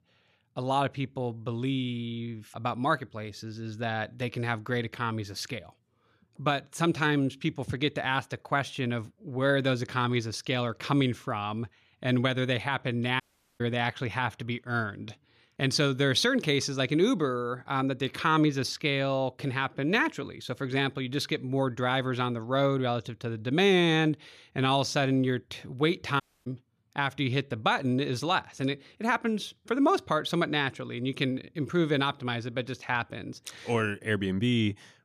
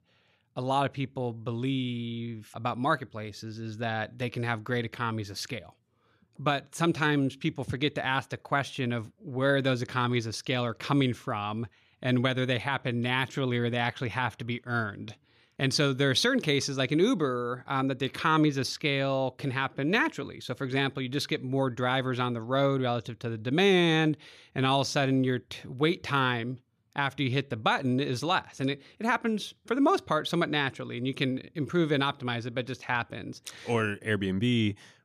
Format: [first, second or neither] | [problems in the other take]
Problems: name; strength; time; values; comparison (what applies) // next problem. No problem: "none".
second | audio cutting out; at 13 s and at 26 s